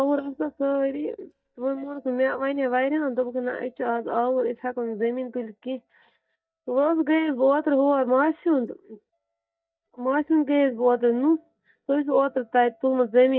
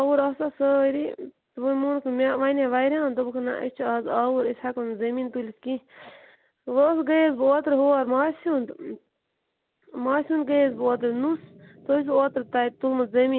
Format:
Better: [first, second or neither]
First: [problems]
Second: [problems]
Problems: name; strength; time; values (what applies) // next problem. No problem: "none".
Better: second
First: noise reduction (neural mask model DeepFilterNet 3)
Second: none